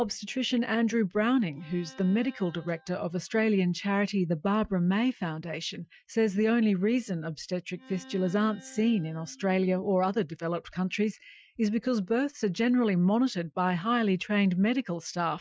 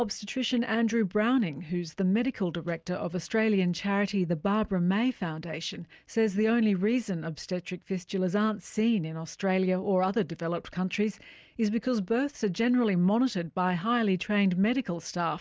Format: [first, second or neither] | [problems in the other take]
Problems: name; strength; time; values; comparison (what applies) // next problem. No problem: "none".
second | noise reduction (classical method Wiener filter)